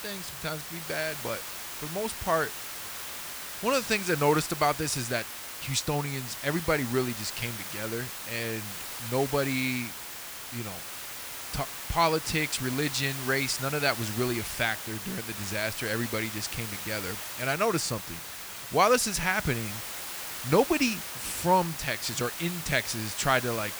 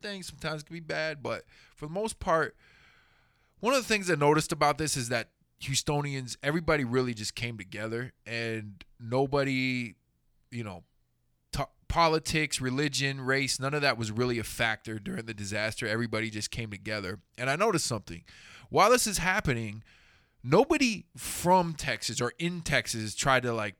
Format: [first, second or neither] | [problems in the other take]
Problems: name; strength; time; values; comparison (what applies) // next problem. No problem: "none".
second | hiss; loud; throughout; 7 dB below the speech